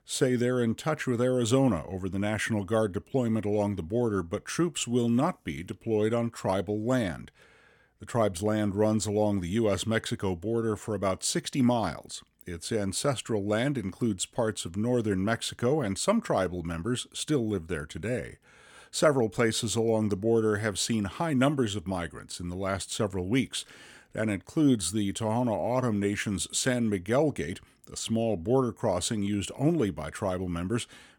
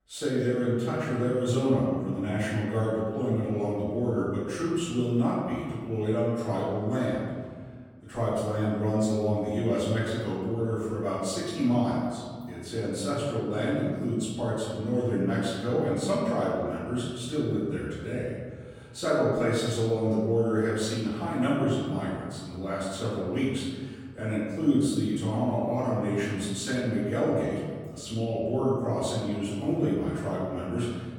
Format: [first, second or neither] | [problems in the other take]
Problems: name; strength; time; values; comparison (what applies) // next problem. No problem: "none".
first | off-mic speech; far // room echo; strong; dies away in 1.8 s